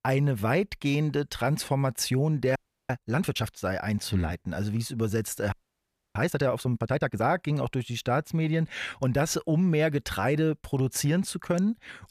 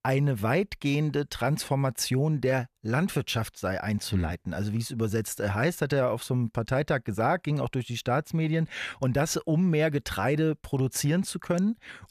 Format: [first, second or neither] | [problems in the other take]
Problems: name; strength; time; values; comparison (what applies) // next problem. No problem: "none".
second | audio freezing; at 2.5 s and at 5.5 s for 0.5 s